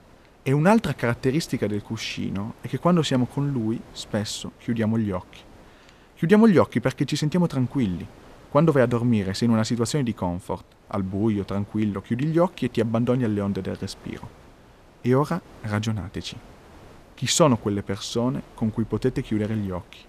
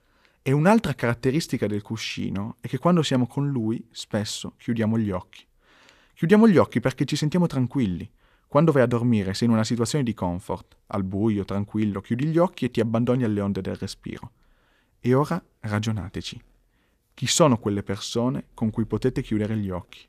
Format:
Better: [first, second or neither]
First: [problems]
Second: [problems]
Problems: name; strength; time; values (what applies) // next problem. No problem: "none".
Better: second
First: wind noise on the microphone; occasional gusts; 25 dB below the speech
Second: none